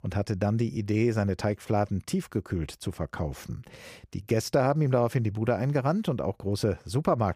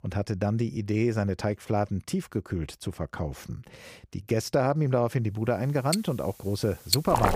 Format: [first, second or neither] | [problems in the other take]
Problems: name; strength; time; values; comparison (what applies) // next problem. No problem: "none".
first | household noises; loud; from 5.5 s on; as loud as the speech